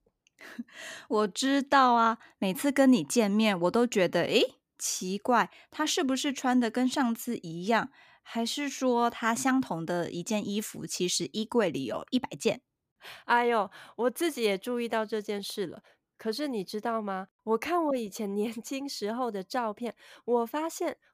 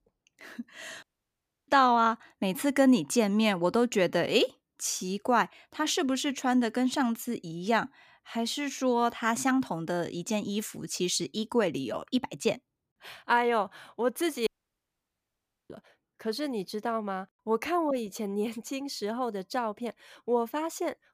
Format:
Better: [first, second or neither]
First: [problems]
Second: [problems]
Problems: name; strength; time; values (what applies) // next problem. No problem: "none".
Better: first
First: none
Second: audio cutting out; at 1 s for 0.5 s and at 14 s for 1 s